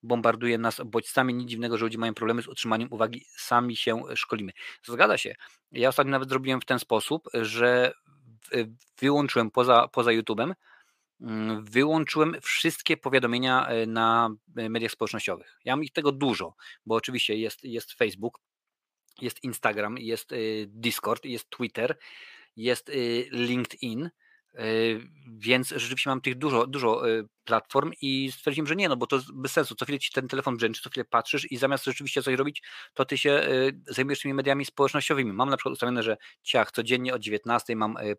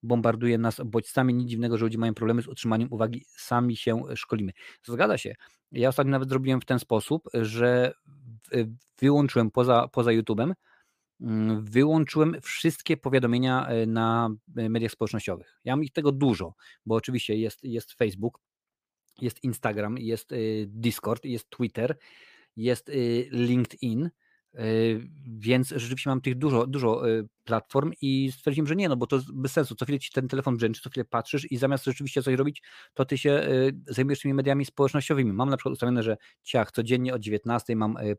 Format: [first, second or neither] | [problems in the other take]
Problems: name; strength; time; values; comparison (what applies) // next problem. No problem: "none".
second | thin; somewhat; fading below 950 Hz